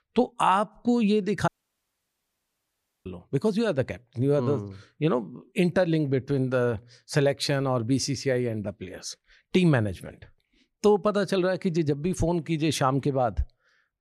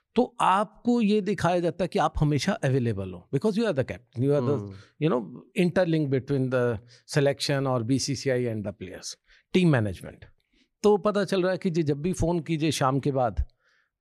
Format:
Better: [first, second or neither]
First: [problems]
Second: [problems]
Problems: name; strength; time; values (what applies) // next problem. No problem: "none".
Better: second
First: audio cutting out; at 1.5 s for 1.5 s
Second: none